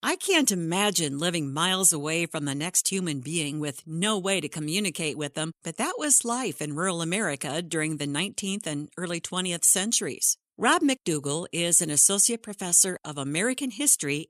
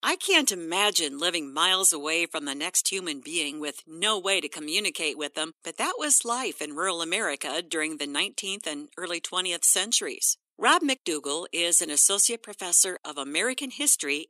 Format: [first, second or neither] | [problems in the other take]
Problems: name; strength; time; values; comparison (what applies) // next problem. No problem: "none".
first | thin; somewhat; fading below 300 Hz